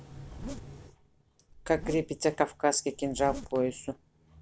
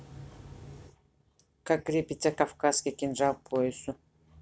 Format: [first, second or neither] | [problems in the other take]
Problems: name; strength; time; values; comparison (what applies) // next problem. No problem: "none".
second | background sound (Zipper (clothing)); 14 dB below the speech